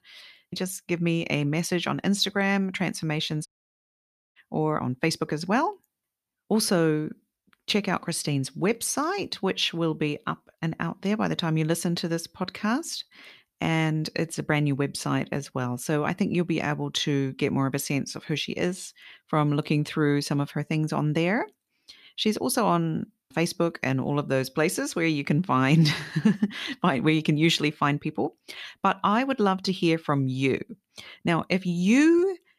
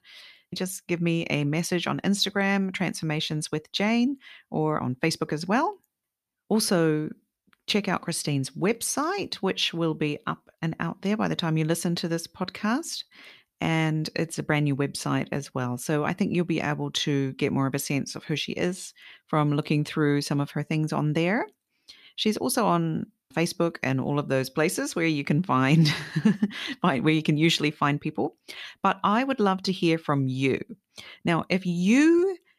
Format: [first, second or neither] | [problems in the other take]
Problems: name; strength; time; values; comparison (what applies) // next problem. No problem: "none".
second | audio cutting out; at 3.5 s for 1 s